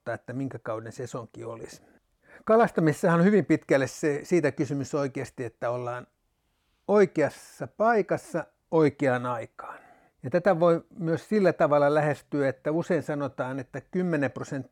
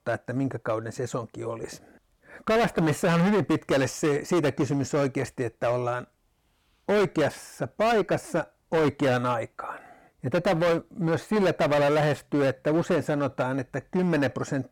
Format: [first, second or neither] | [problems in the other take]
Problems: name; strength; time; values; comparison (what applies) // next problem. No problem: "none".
first | distortion; heavy; 14% of the sound clipped